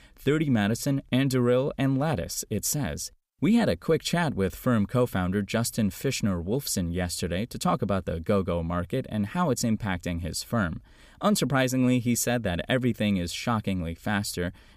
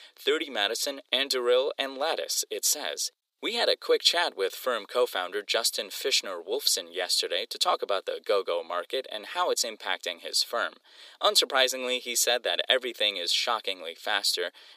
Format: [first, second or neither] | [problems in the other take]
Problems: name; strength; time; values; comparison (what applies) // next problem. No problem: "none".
first | thin; very; fading below 400 Hz